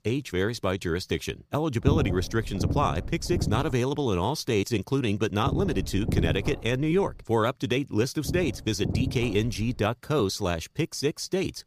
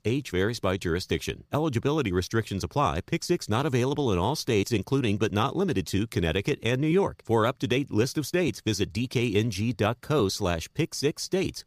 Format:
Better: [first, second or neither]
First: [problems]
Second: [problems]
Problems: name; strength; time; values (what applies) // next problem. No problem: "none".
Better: second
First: low rumble; noticeable; from 2 to 3.5 s, from 5.5 to 7 s and from 8.5 to 10 s; 10 dB below the speech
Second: none